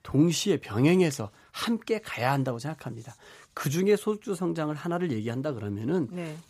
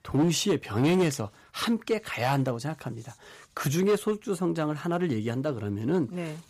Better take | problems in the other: first | distortion; slight; 4% of the sound clipped

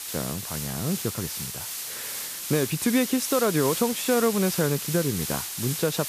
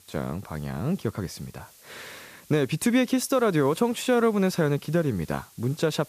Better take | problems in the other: second | hiss; loud; throughout; 4 dB below the speech; faint in the second

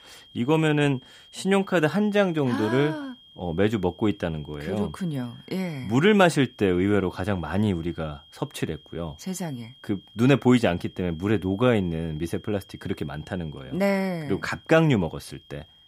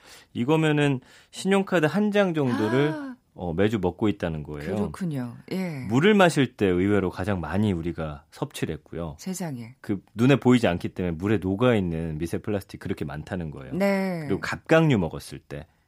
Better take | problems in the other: second | high-pitched whine; faint; throughout; 3 kHz, 25 dB below the speech

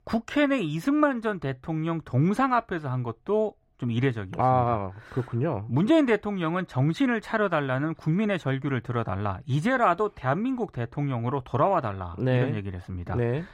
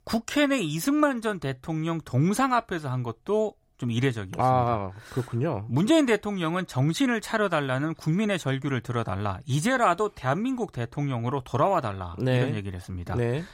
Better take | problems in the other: second | muffled; slightly; fading above 4 kHz

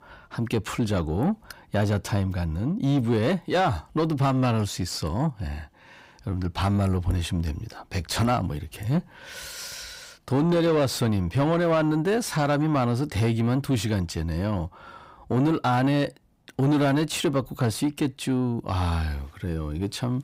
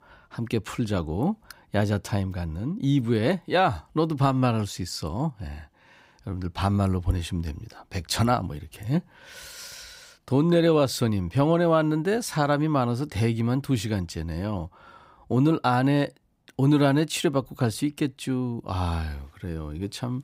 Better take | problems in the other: second | distortion; slight; 10 dB below the speech

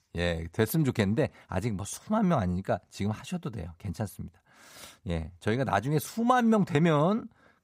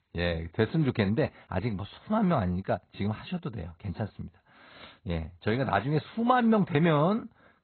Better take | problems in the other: first | garbled, watery; badly; nothing above 4 kHz

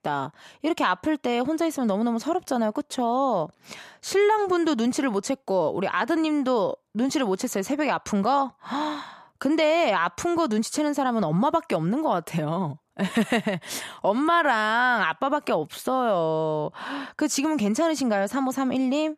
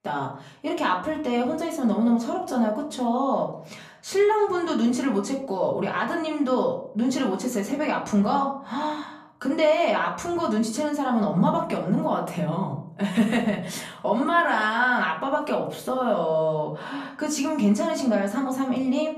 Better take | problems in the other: first | off-mic speech; far // room echo; slight; dies away in 0.5 s

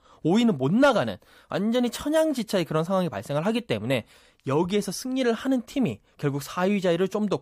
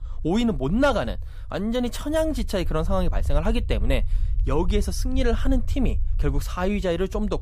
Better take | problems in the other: first | low rumble; faint; throughout; 25 dB below the speech

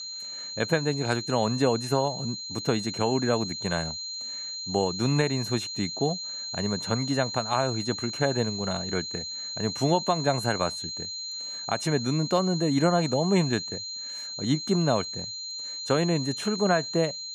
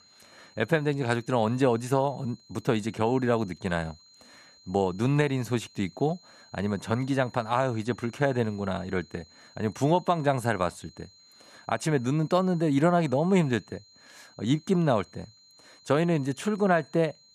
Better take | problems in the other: second | high-pitched whine; loud; throughout; 4 kHz, 6 dB below the speech; faint in the second

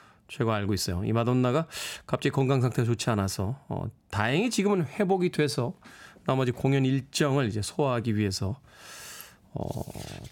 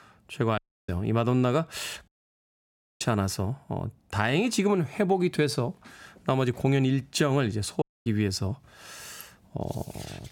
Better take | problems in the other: first | audio cutting out; at 0.5 s, at 2 s for 1 s and at 8 s

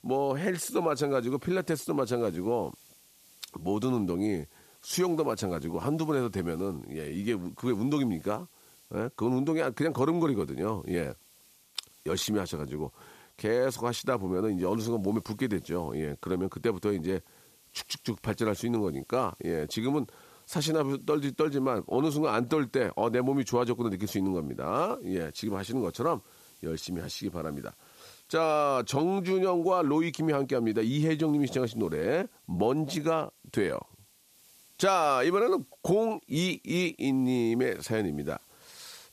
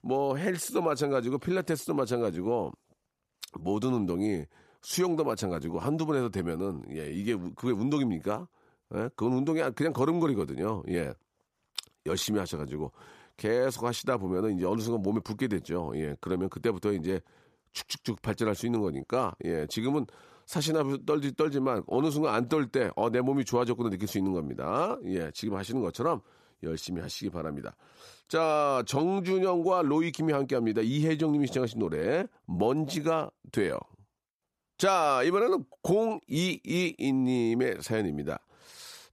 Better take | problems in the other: second | hiss; faint; throughout; 25 dB below the speech

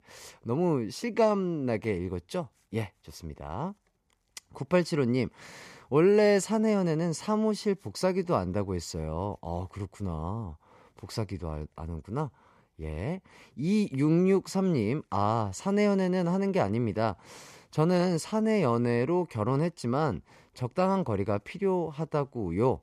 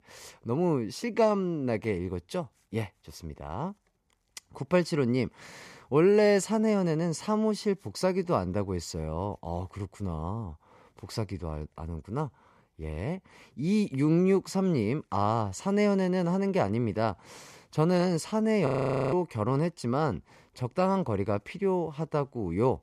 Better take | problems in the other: first | audio freezing; at 19 s

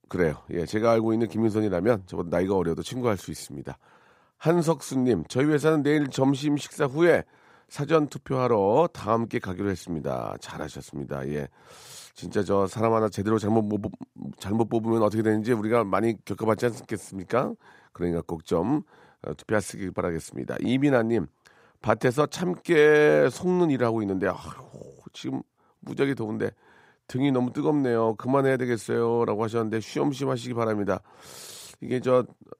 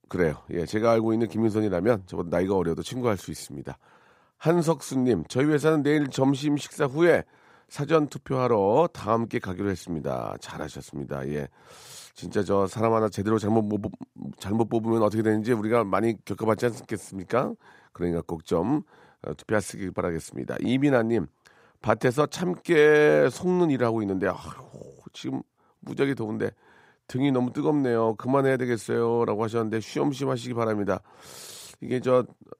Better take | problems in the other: neither | none

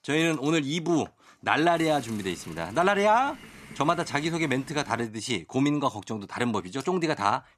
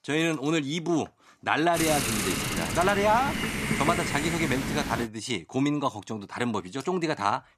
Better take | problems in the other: first | hiss; loud; from 2 to 5 s; 2 dB below the speech; faint in the first

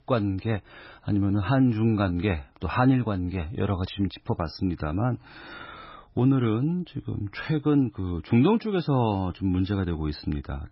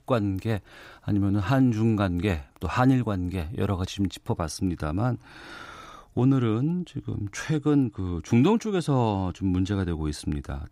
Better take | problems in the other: second | garbled, watery; badly; nothing above 5.5 kHz

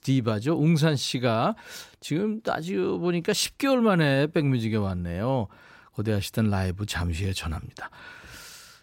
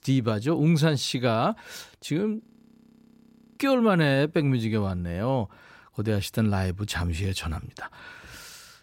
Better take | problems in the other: first | audio freezing; at 2.5 s for 1 s

